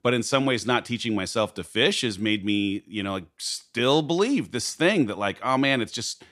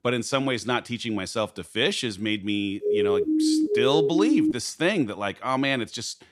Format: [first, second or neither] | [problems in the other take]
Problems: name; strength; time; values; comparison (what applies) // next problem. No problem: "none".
first | siren; loud; from 3 to 4.5 s; peak 4 dB above the speech